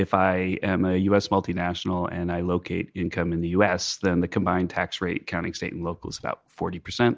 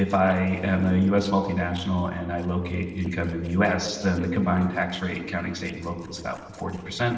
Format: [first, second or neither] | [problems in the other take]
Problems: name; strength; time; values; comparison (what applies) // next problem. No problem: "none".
first | noise reduction (neural separator model SepFormer DNS4)